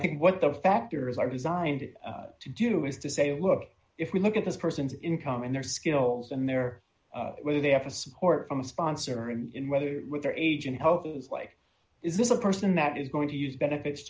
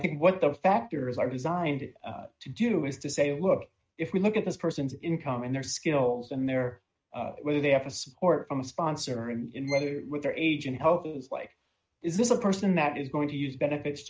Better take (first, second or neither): first